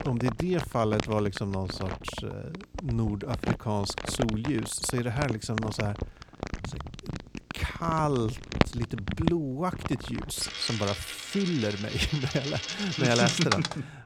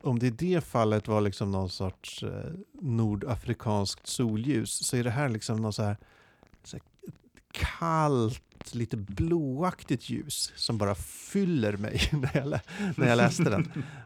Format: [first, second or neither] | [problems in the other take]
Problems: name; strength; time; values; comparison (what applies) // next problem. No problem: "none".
second | household noises; loud; throughout; 5 dB below the speech; faint in the second